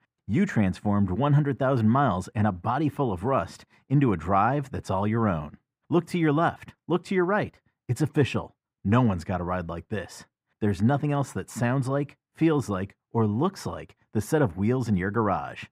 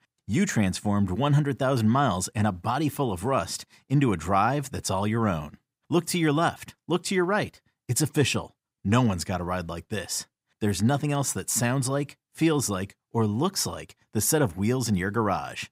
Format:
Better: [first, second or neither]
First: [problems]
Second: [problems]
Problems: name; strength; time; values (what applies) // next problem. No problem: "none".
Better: second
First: muffled; very; fading above 3 kHz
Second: none